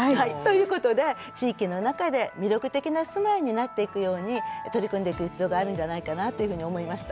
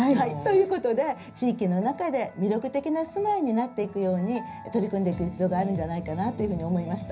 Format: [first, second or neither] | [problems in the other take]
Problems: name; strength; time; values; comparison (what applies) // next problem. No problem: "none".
first | room echo; dies away in 0.5 s